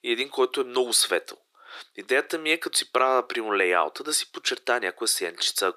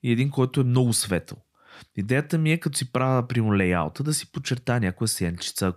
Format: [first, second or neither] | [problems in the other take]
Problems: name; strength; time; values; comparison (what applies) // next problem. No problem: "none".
second | thin; very; fading below 350 Hz